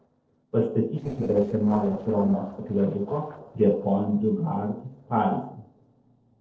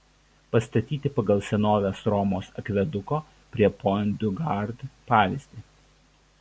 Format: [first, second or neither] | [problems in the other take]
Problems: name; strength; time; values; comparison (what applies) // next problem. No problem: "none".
second | noise reduction (neural separator model SepFormer DNS4)